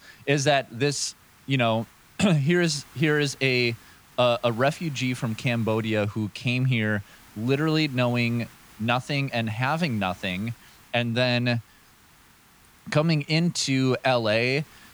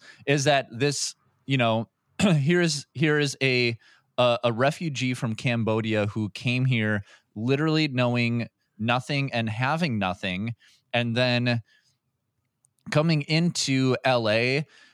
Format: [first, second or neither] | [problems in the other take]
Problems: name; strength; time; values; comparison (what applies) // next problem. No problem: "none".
second | hiss; faint; throughout; 25 dB below the speech